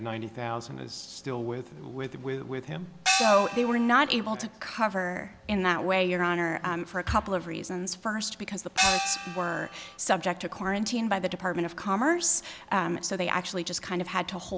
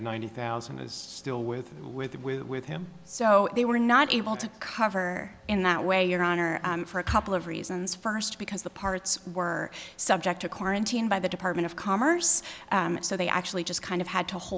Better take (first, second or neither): second